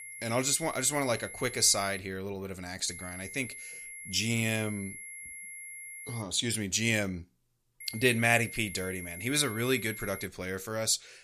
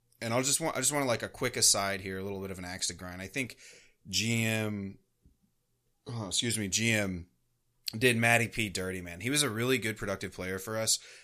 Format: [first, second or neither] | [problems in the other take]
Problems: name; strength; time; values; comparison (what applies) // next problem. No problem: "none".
second | high-pitched whine; noticeable; until 2 s, from 3 to 6 s and from 8 to 10 s; 2 kHz, 10 dB below the speech